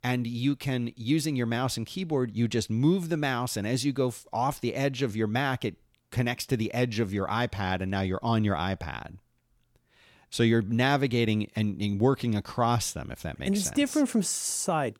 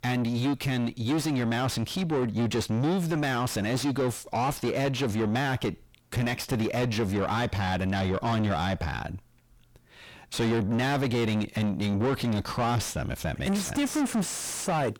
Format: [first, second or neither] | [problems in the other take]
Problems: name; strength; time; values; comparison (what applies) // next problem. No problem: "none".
first | distortion; heavy; 5 dB below the speech